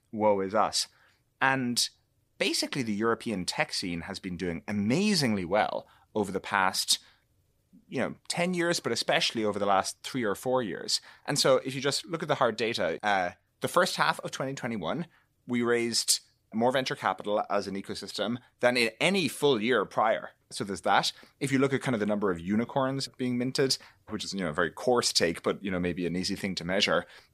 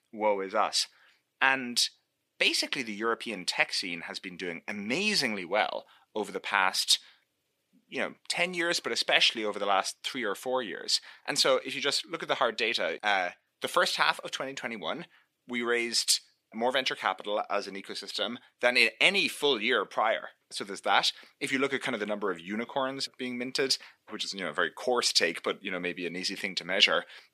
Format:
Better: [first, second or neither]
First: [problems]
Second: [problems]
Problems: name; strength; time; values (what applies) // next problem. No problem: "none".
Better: first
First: none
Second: thin; very slightly; fading below 250 Hz